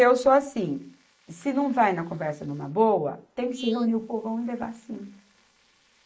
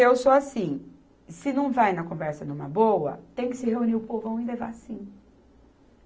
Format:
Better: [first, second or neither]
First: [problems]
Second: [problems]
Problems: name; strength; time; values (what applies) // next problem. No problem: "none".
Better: second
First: noise reduction (neural mask model Resemble Enhance denoiser)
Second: none